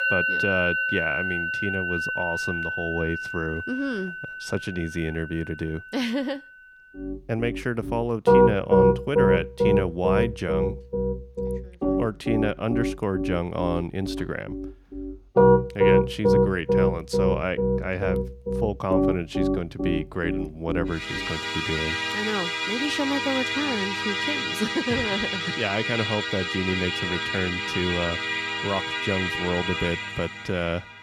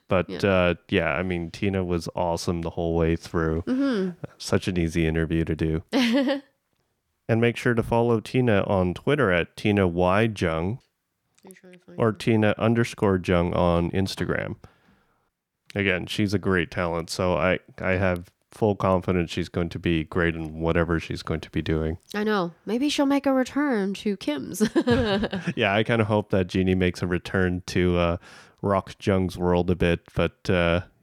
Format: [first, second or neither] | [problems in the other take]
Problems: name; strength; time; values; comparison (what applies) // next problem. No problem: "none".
second | background music; very loud; throughout; 4 dB above the speech